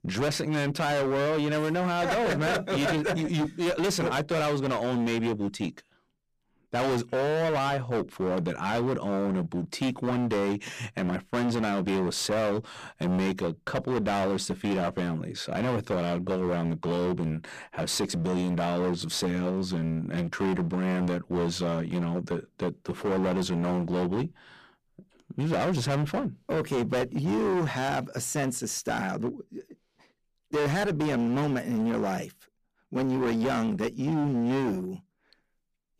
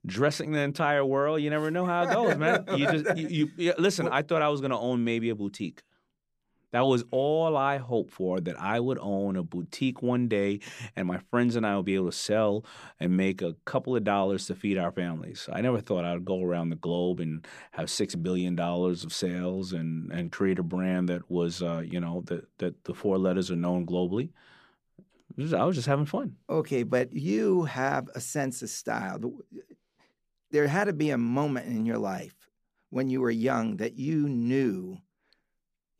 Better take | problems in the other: second | distortion; heavy; 26% of the sound clipped

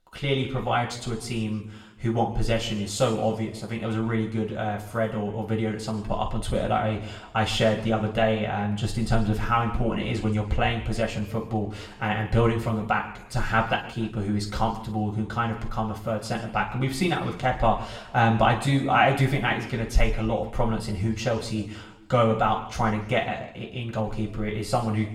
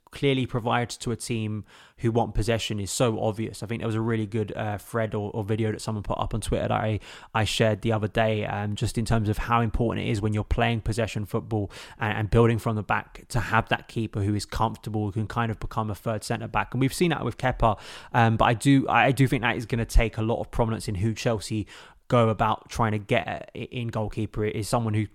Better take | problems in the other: second | room echo; slight; dies away in 0.9 s // off-mic speech; somewhat distant

